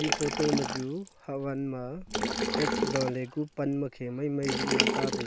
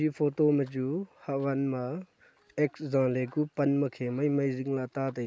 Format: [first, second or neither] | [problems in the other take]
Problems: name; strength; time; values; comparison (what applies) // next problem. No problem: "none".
second | background sound (Liquid); as loud as the speech